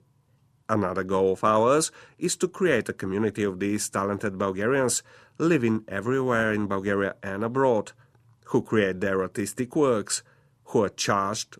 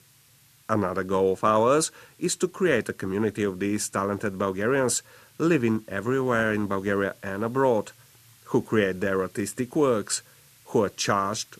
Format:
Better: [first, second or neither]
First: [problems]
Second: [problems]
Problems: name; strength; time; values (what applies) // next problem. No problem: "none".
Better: first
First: none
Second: hiss; faint; throughout; 30 dB below the speech